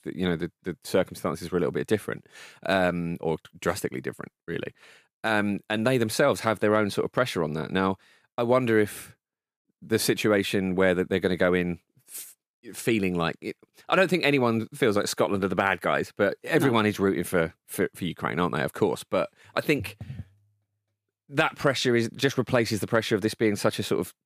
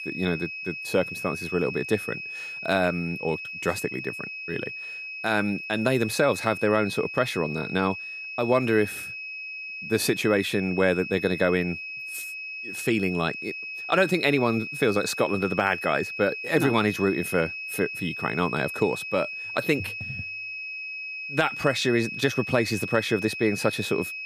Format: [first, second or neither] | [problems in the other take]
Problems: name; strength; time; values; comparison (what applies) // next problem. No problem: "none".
first | high-pitched whine; loud; throughout; 2.5 kHz, 7 dB below the speech